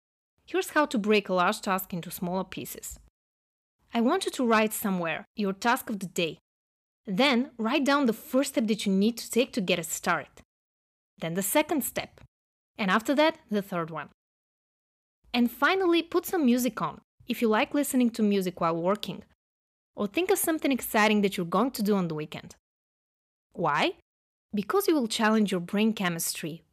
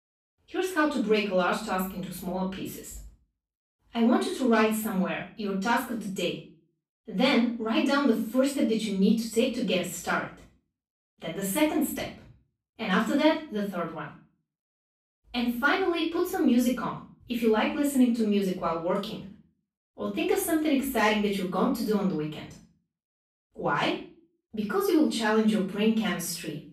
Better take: first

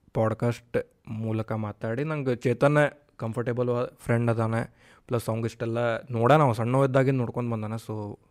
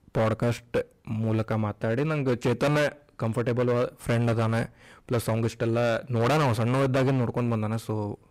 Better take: first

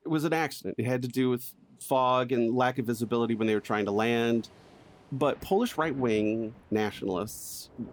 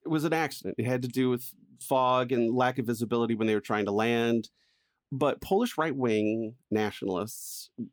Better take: second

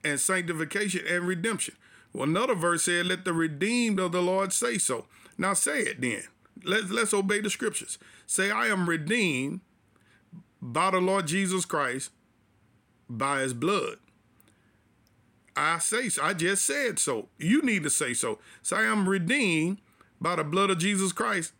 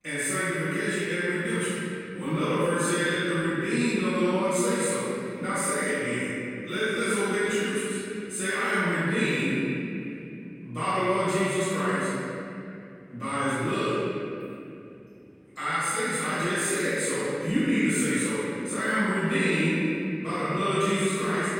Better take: first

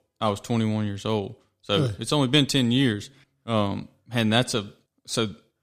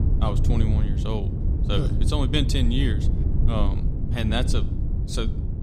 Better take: first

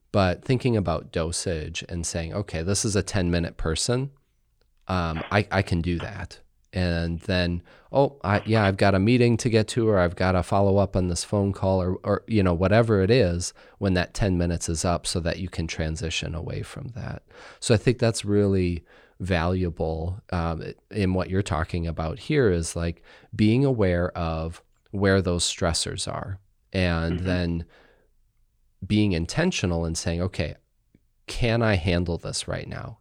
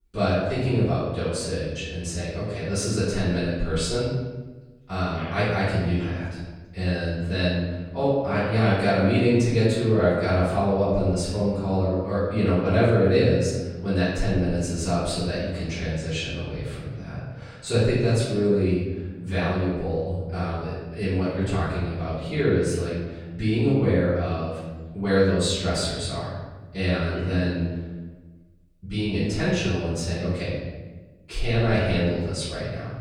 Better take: first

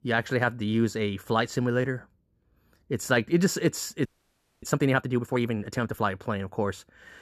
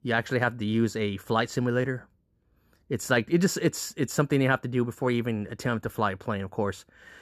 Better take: second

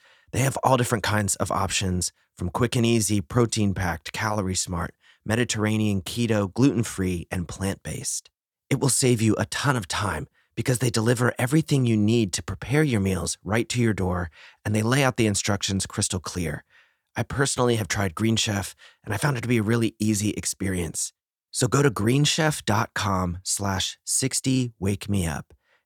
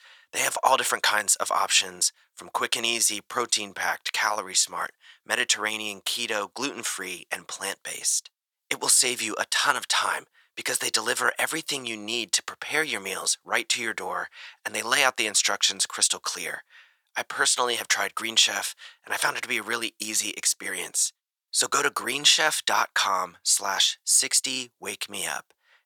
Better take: first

